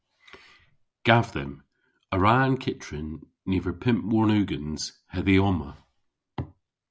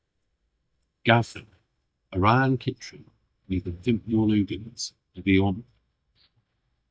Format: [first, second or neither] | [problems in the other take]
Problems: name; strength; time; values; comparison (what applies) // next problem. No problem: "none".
first | noise reduction (neural mask model DeepFilterNet 3)